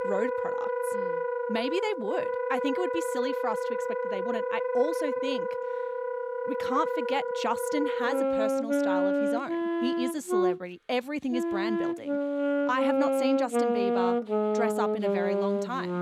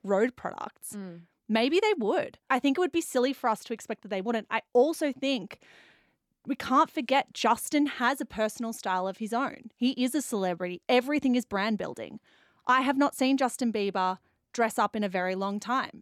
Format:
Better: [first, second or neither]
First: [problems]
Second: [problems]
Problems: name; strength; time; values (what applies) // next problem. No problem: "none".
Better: second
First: background music; very loud; throughout; 4 dB above the speech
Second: none